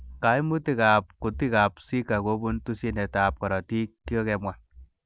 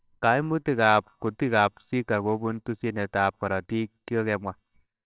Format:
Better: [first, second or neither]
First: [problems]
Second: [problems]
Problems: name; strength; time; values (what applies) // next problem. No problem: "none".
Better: first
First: none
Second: noise reduction (neural separator model SepFormer WHAMR!)